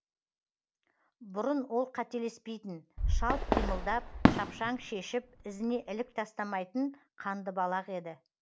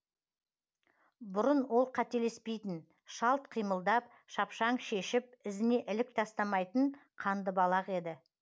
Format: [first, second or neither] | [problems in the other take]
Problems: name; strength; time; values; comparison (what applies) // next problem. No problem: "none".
second | background sound (Fireworks); 4 dB above the speech